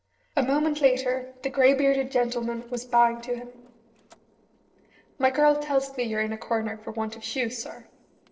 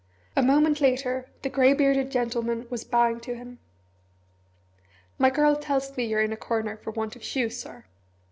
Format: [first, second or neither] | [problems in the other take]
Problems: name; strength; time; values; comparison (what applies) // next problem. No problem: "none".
second | noise reduction (neural separator model SepFormer DNS4)